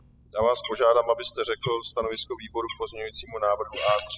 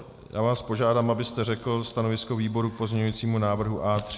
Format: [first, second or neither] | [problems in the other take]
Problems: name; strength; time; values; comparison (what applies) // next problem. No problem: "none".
second | noise reduction (classical method spectral subtraction)